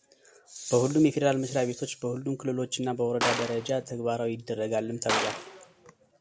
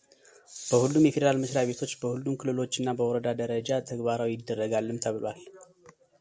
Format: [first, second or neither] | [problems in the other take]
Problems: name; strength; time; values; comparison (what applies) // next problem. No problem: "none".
second | background sound (Gunshot, gunfire); 6 dB below the speech